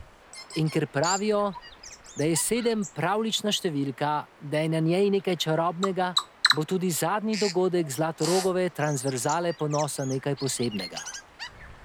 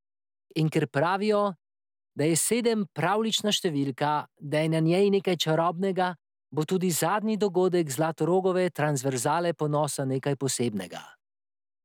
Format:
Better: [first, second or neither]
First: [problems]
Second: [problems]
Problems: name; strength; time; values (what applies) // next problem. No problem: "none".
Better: second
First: background sound (Bird vocalization, bird call, bird song); 9 dB below the speech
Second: none